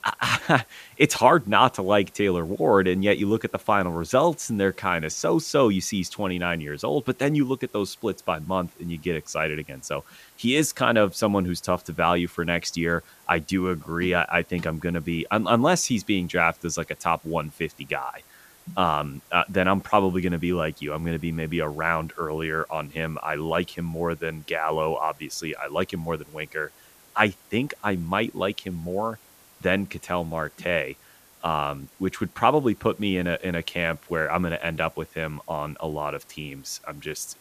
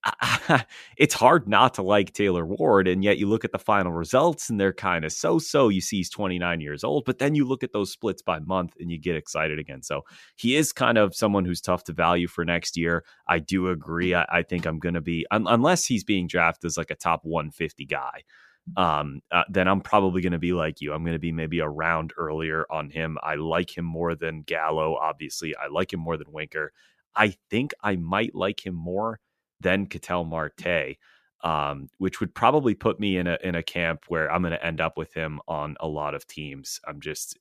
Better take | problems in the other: second | hiss; faint; throughout; 25 dB below the speech

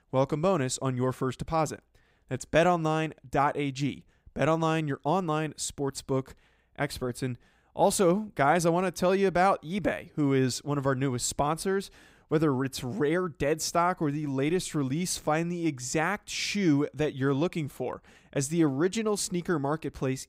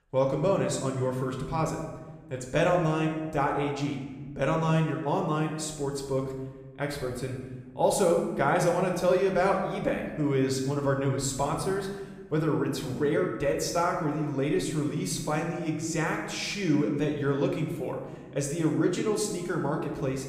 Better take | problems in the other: first | room echo; noticeable; dies away in 1.1 s // off-mic speech; somewhat distant

